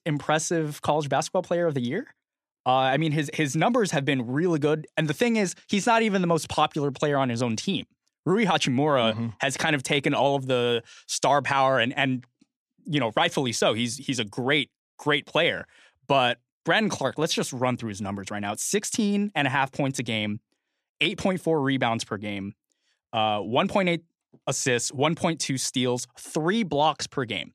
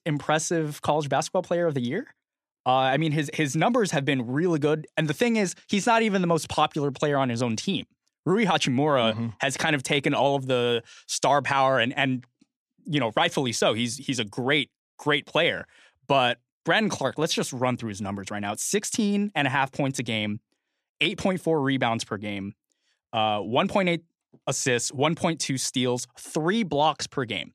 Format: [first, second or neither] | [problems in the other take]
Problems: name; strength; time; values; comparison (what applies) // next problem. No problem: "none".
neither | none